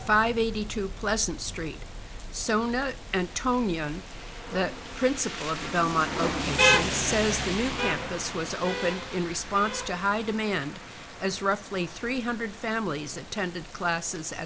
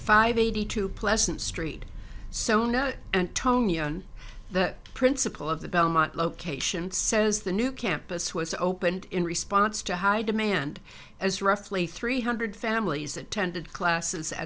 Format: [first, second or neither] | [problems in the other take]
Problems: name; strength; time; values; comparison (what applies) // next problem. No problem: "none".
second | background sound (Rain); 5 dB below the speech